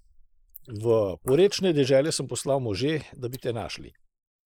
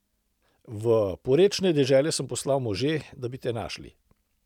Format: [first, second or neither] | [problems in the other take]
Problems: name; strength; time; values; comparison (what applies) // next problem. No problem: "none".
second | noise reduction (neural mask model Resemble Enhance denoiser)